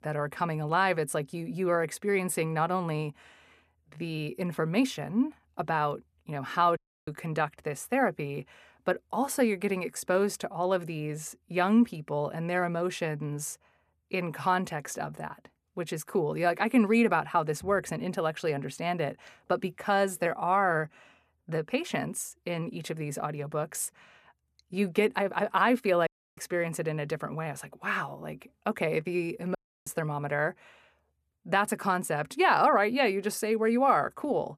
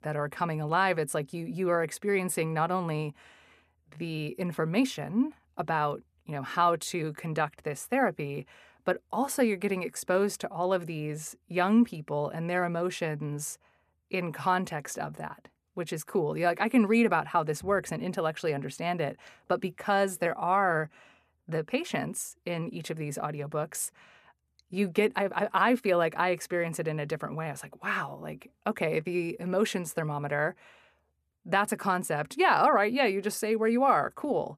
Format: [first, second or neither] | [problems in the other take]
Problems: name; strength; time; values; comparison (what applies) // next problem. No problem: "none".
second | audio cutting out; at 7 s, at 26 s and at 30 s